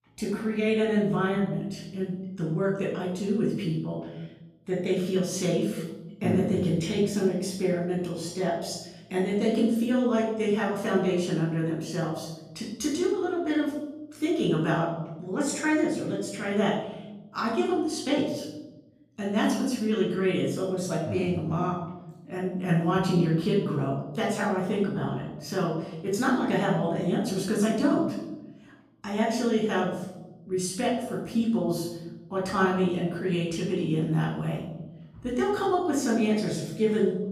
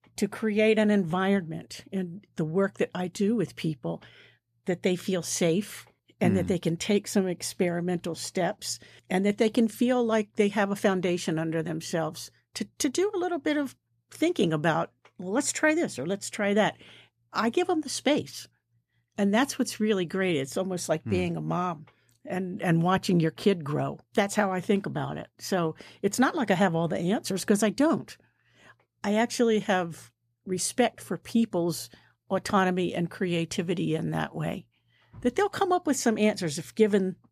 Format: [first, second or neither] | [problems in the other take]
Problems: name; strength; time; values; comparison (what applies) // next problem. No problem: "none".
second | off-mic speech; far // room echo; noticeable; dies away in 0.9 s